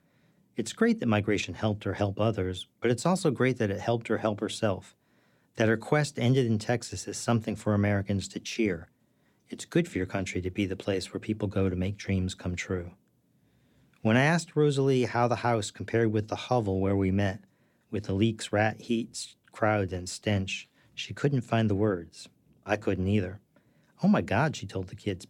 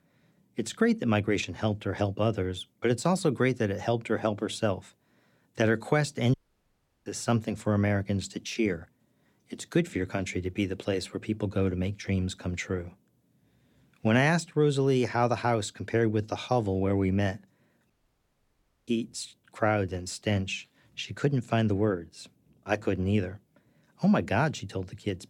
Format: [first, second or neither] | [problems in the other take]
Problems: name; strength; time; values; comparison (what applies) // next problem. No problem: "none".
first | audio cutting out; at 6.5 s for 0.5 s and at 18 s for 1 s